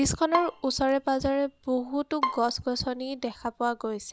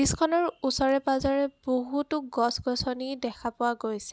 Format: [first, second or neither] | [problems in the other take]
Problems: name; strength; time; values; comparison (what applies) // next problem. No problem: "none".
second | background sound (Bowed string instrument); 9 dB below the speech